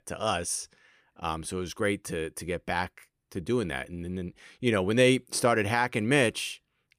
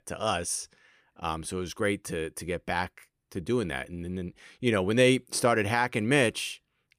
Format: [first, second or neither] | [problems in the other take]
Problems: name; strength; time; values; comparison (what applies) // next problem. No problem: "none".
neither | none